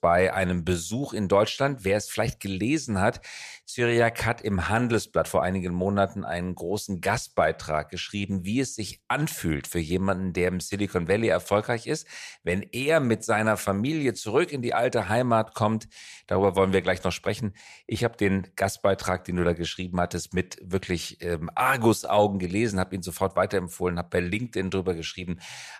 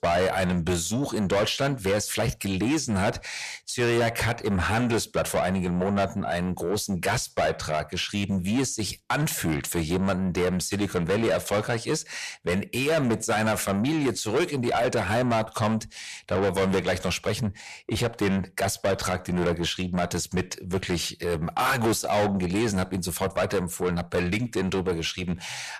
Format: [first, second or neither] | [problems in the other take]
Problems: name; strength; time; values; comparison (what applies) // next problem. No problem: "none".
first | distortion; heavy; 7 dB below the speech